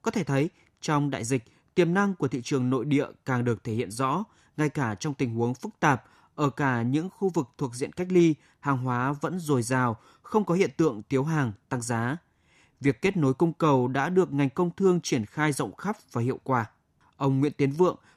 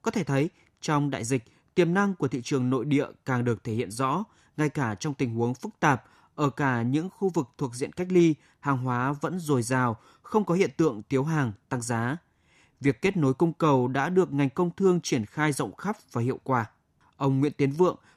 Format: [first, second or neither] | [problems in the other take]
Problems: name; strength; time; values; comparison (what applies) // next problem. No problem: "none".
neither | none